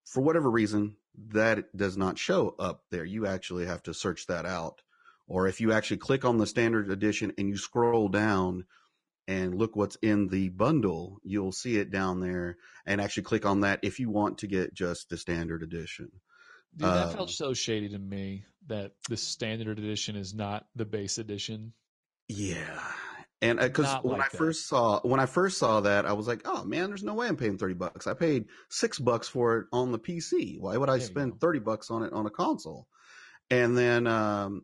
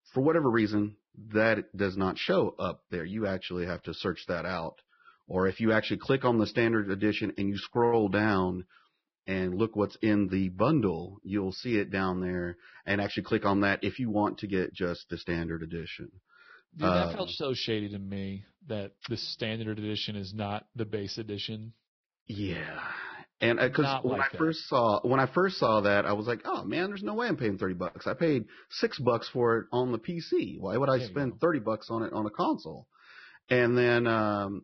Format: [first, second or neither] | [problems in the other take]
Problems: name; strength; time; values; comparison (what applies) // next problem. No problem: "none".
first | garbled, watery; badly; nothing above 5.5 kHz; slightly in the first